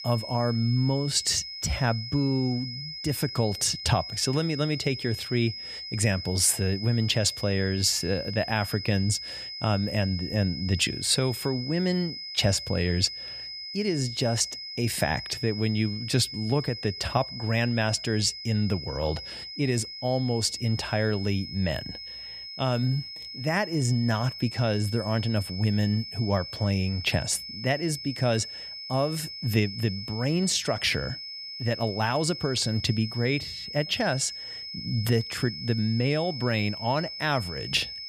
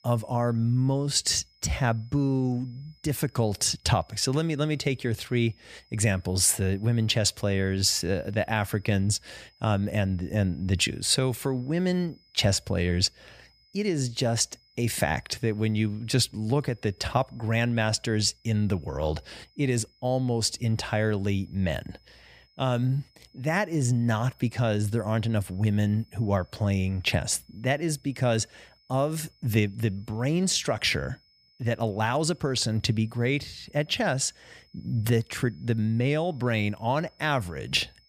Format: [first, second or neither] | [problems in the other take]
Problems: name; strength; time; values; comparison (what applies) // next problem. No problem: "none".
second | high-pitched whine; loud; throughout; 5 kHz, 8 dB below the speech; faint in the second